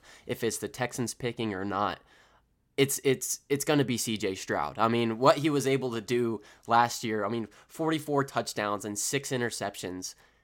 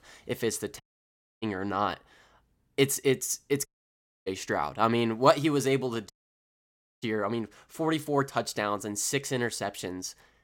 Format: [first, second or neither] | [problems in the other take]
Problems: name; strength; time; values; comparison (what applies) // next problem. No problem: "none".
first | audio cutting out; at 1 s for 0.5 s, at 3.5 s for 0.5 s and at 6 s for 1 s